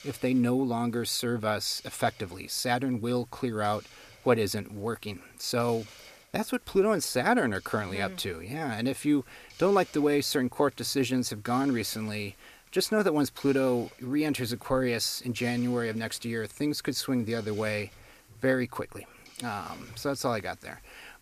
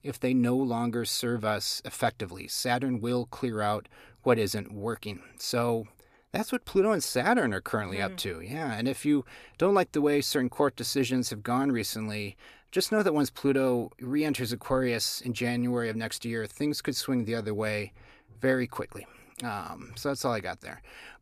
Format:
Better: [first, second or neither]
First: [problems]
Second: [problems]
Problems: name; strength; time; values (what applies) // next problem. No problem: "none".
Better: second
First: hiss; faint; throughout; 25 dB below the speech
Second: none